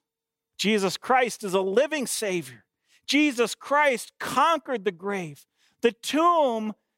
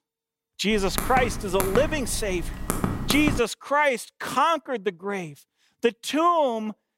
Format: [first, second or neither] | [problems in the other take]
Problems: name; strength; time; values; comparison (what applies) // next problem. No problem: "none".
first | keyboard typing; noticeable; from 0.5 to 3.5 s; peak 3 dB below the speech